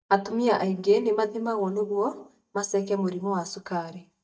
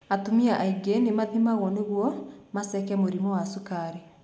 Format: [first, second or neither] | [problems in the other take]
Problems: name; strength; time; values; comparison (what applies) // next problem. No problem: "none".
second | noise reduction (neural mask model DeepFilterNet 3)